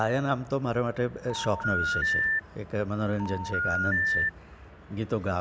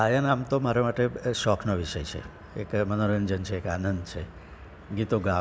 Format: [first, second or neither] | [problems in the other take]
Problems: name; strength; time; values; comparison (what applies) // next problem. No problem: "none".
second | background sound (Telephone); 1 dB above the speech